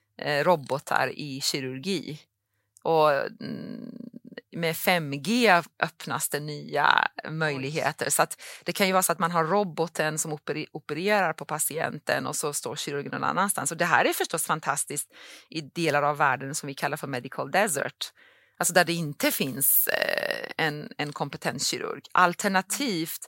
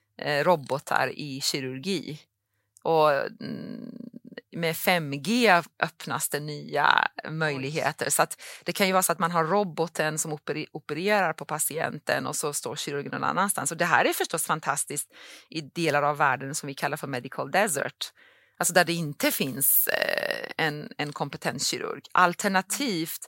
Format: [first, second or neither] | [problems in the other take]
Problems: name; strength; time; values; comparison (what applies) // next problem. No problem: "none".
neither | none